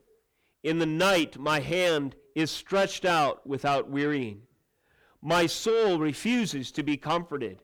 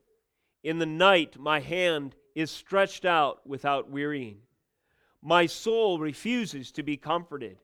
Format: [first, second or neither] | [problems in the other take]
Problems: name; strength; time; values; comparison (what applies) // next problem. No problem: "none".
second | distortion; heavy; 7 dB below the speech